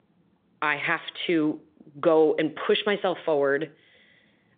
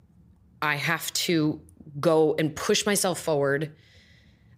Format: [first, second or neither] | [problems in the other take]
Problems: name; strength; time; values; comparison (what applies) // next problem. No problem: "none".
second | phone-call audio